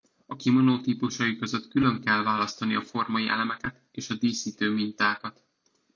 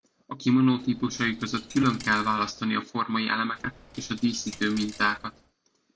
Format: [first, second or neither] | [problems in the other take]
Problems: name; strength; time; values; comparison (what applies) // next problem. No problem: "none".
first | background sound (Coin (dropping)); 20 dB below the speech